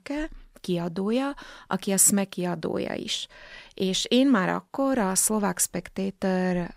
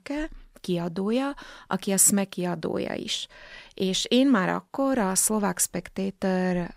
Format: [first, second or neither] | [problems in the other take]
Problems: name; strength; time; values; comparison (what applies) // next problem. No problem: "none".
neither | none